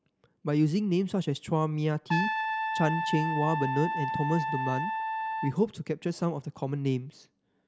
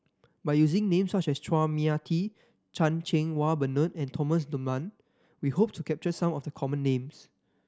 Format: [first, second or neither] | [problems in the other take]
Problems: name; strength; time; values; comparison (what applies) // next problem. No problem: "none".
second | background sound (Trumpet); 1 dB below the speech